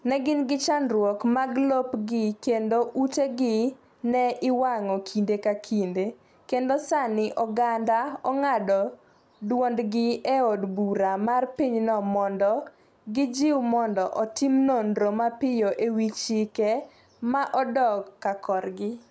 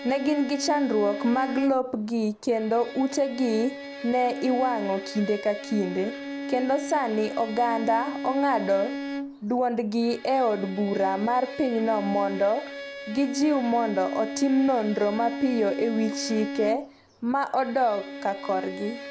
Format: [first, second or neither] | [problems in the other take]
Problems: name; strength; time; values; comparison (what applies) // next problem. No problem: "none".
first | background sound (Bowed string instrument); 9 dB below the speech